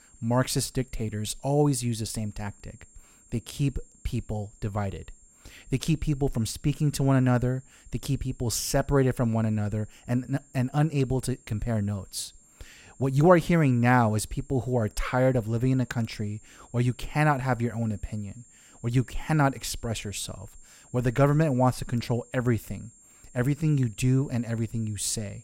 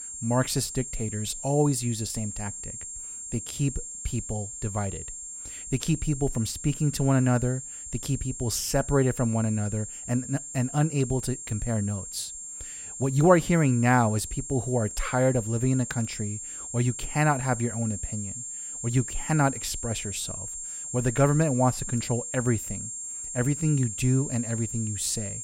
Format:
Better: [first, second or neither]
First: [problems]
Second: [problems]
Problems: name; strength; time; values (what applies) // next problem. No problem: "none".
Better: first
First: high-pitched whine; faint; throughout; 7.5 kHz, 25 dB below the speech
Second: high-pitched whine; loud; throughout; 7.5 kHz, 8 dB below the speech